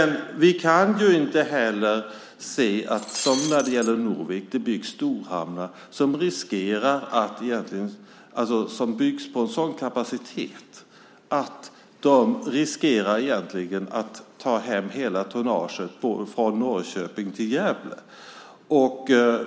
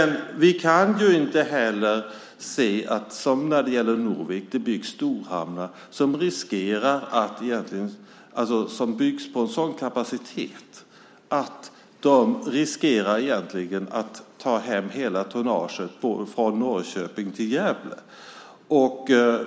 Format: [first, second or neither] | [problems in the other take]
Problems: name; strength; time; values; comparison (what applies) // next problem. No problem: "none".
second | background sound (Shatter); 8 dB below the speech